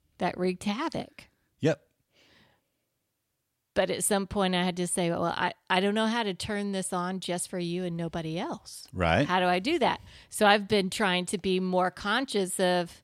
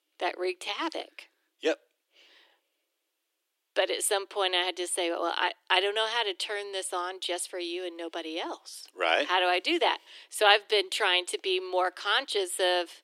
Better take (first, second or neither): first